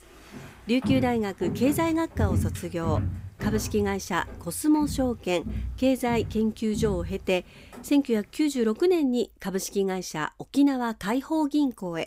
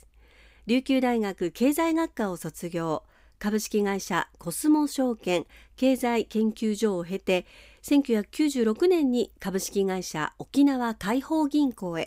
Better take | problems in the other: second | footsteps; loud; until 8 s; peak level with the speech

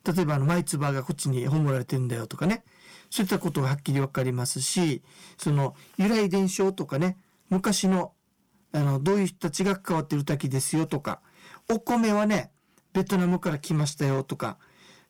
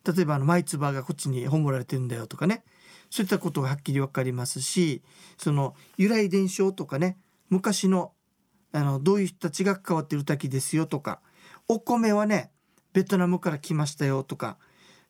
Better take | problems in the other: second | distortion; slight; 8% of the sound clipped

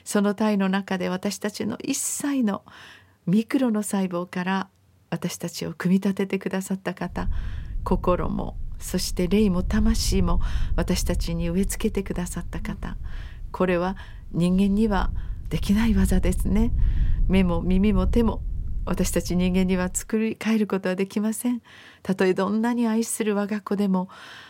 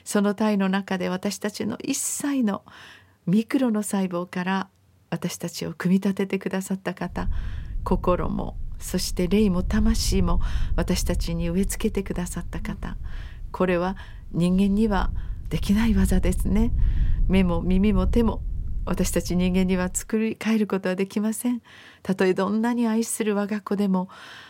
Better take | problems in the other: neither | low rumble; faint; from 7 to 20 s; 20 dB below the speech; the same in both

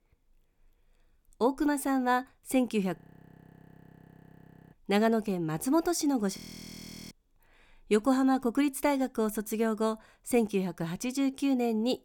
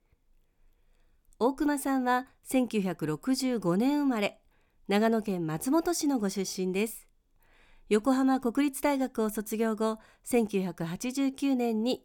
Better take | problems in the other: second | audio freezing; at 3 s for 2 s and at 6.5 s for 0.5 s

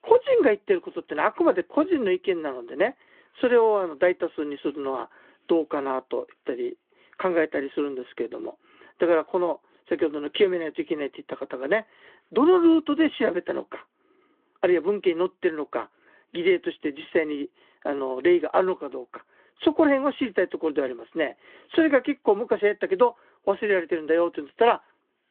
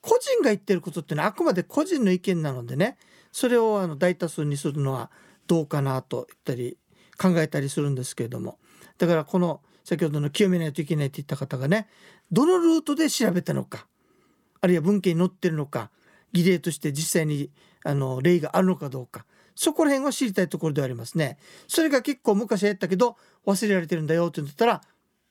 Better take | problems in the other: second | phone-call audio

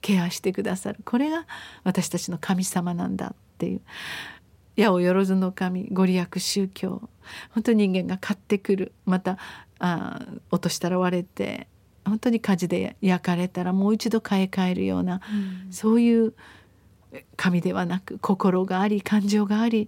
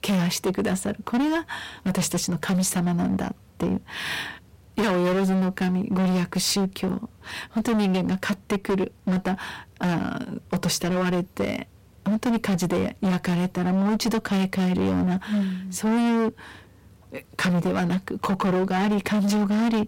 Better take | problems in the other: first | distortion; heavy; 22% of the sound clipped

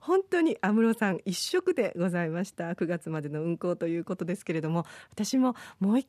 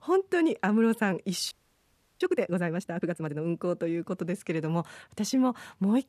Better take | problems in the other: first | audio freezing; at 1.5 s for 0.5 s

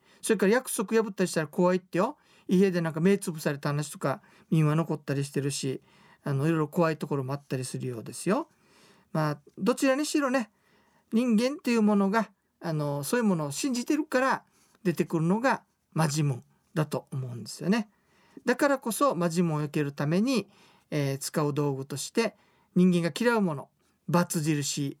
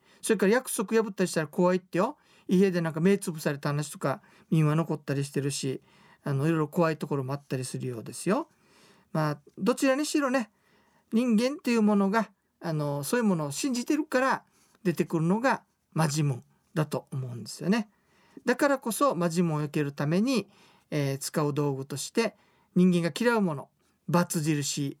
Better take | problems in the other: neither | none

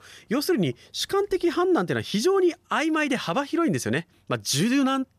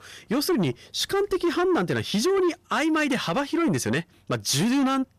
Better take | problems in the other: first | distortion; slight; 10 dB below the speech

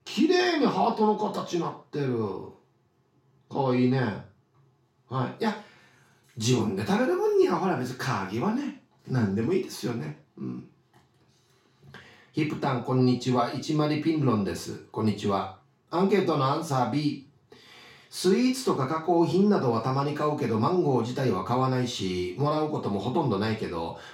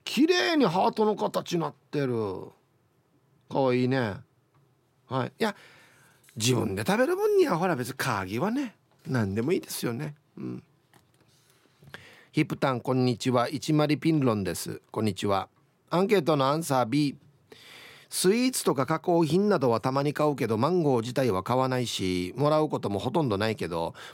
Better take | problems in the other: second | room echo; slight; dies away in 0.4 s // off-mic speech; far

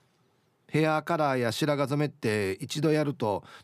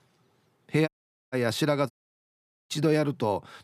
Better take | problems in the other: first | audio cutting out; at 1 s and at 2 s for 1 s

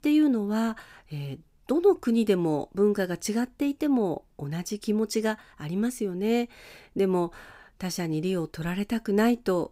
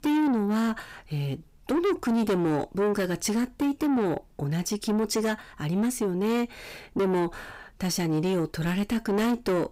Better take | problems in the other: first | distortion; heavy; 7 dB below the speech

